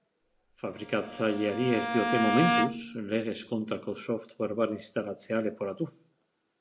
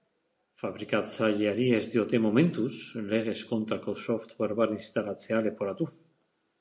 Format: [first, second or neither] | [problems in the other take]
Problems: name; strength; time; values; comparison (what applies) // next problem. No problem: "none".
second | background sound (Bowed string instrument); 1 dB below the speech